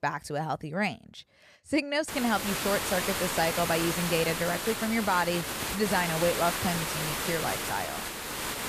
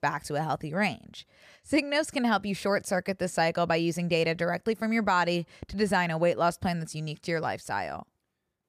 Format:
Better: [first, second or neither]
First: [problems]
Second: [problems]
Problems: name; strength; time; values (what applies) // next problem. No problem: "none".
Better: second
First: hiss; loud; from 2 s on; 2 dB below the speech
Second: none